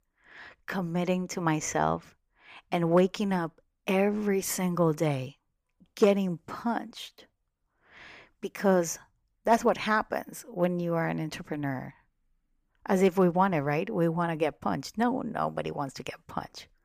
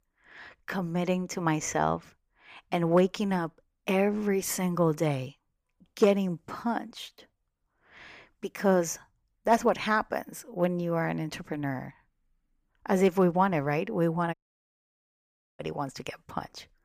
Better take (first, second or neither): first